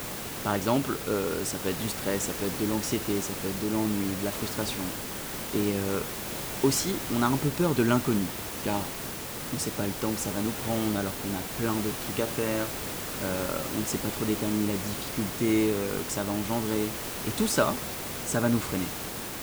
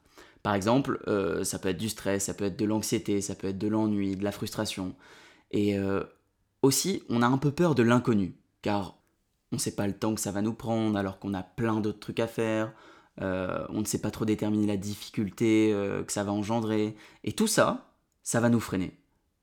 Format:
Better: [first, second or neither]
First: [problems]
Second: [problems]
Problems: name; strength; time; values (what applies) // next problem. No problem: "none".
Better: second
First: hiss; loud; throughout; 4 dB below the speech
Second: none